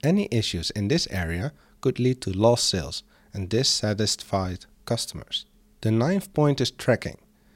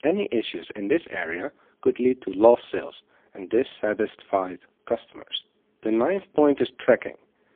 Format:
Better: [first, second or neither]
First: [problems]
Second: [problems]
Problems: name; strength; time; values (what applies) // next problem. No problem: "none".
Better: first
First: none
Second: phone-call audio; poor line; nothing above 3.5 kHz